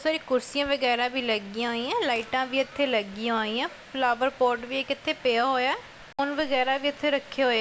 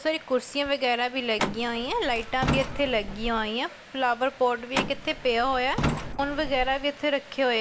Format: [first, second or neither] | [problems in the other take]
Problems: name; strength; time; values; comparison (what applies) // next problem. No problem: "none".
first | background sound (Truck); 5 dB below the speech